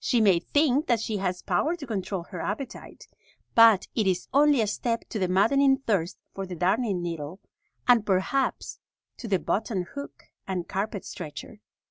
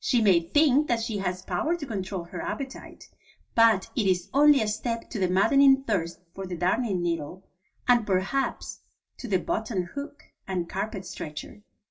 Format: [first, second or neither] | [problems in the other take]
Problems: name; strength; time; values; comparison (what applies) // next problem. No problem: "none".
first | room echo; dies away in 0.2 s